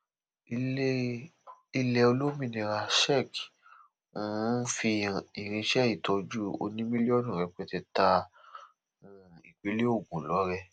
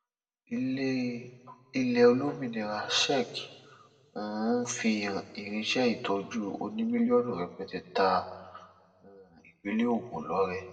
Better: first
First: none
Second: room echo; dies away in 1 s

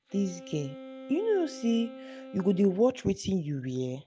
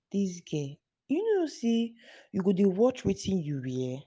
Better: second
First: background sound (Wind instrument, woodwind instrument); 17 dB below the speech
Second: none

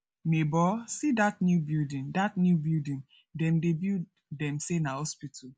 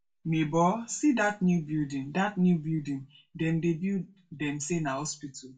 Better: first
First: none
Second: room echo; dies away in 0.2 s

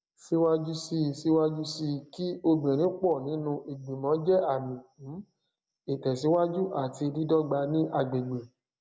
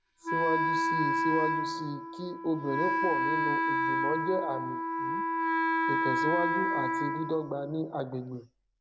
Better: first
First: none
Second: background sound (Wind instrument, woodwind instrument); 4 dB above the speech

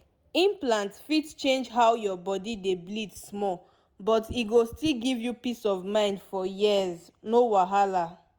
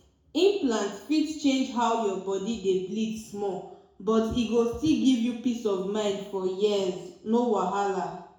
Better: first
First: none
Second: room echo; dies away in 0.6 s

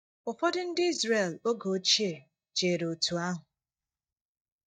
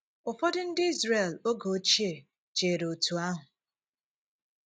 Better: second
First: noise reduction (neural mask model DeepFilterNet 3)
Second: none

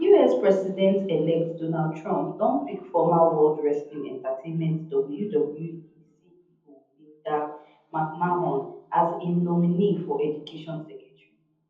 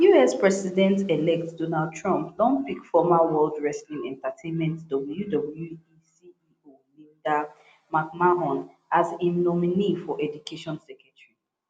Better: second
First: room echo; dies away in 0.6 s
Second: none

